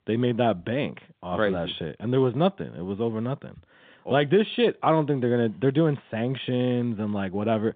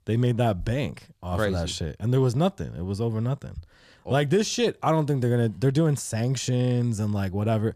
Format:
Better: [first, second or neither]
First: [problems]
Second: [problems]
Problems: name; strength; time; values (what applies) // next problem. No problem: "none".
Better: second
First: phone-call audio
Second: none